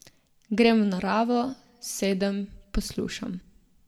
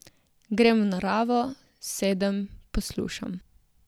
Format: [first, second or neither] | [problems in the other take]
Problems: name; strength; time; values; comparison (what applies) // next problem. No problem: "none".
second | room echo; dies away in 0.4 s